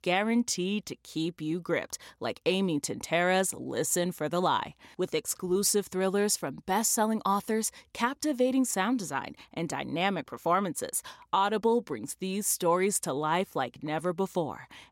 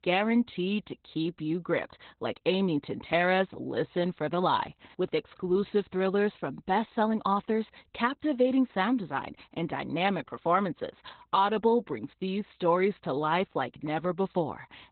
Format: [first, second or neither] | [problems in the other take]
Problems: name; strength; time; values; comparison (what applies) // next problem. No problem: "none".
first | garbled, watery; badly; nothing above 4 kHz